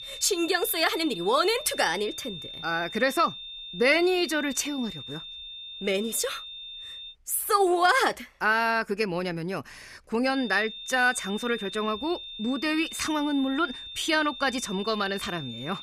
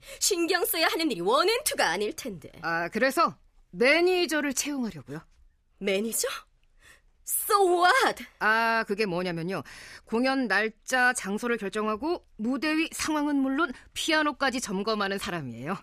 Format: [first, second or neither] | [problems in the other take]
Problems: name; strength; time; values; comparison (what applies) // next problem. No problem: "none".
second | high-pitched whine; noticeable; until 7 s and from 10 s on; 3.5 kHz, 10 dB below the speech